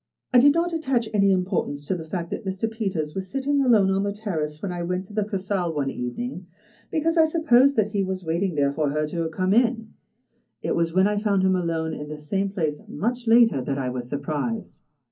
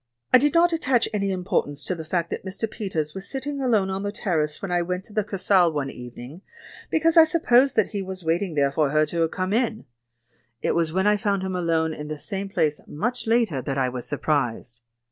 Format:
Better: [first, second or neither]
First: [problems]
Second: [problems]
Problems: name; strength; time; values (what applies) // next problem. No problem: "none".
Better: second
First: room echo; dies away in 0.4 s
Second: none